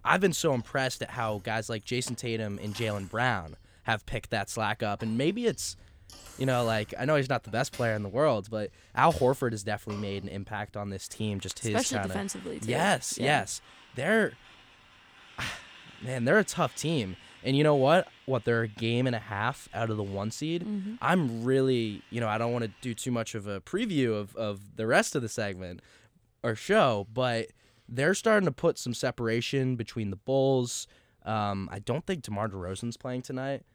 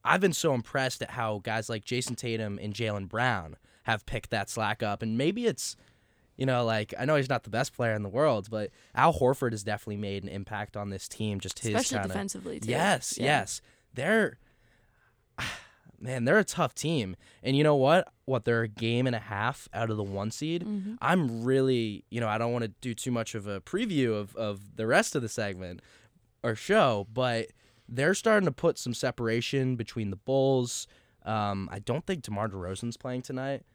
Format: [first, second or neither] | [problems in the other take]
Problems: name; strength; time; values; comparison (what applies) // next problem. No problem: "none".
second | traffic noise; faint; until 23 s; 25 dB below the speech